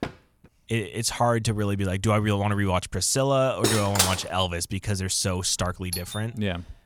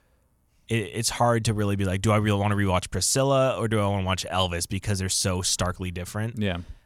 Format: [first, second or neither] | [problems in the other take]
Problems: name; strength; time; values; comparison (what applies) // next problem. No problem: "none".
second | door banging; faint; at the start; peak 10 dB below the speech // clattering dishes; loud; at 3.5 s; peak 3 dB above the speech // doorbell; noticeable; at 6 s; peak 8 dB below the speech